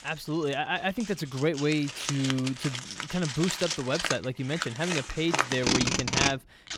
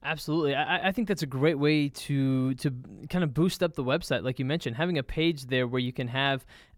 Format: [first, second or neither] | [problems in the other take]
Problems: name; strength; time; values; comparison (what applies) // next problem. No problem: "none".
second | household noises; loud; throughout; as loud as the speech